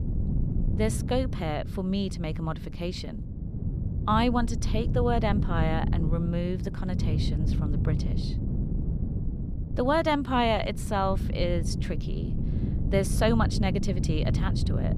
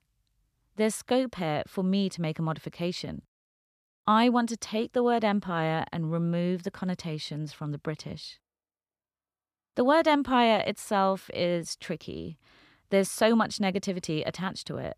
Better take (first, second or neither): second